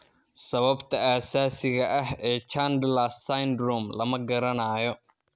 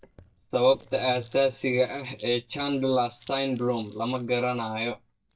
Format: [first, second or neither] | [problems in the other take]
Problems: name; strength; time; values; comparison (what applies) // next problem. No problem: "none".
first | noise reduction (neural mask model DeepFilterNet 3)